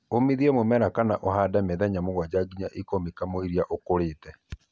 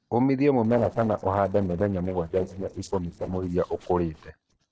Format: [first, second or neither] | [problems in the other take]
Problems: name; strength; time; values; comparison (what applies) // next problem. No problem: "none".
first | noise reduction (neural separator model SepFormer DNS4)